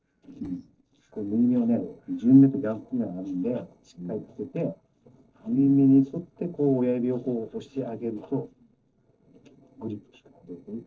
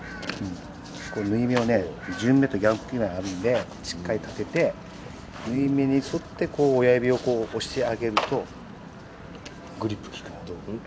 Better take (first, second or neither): second